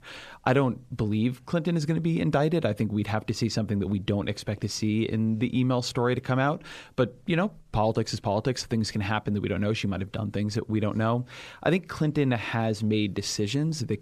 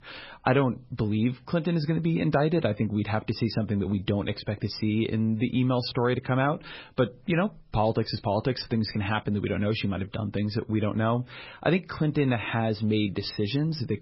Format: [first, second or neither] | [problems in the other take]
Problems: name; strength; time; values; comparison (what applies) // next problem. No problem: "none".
first | garbled, watery; badly; nothing above 5.5 kHz